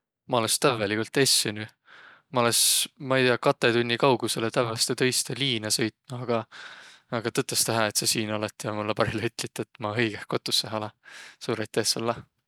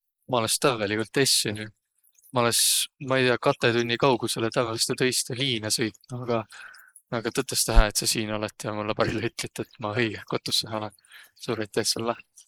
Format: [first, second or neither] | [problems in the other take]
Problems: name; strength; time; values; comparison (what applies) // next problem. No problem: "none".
first | noise reduction (neural mask model Resemble Enhance denoiser)